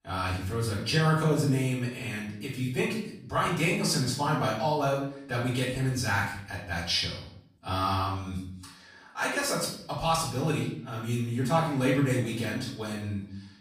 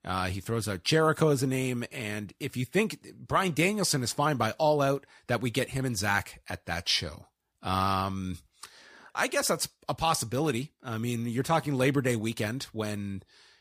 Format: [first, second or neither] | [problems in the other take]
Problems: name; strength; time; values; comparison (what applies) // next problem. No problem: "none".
second | off-mic speech; far // room echo; noticeable; dies away in 0.6 s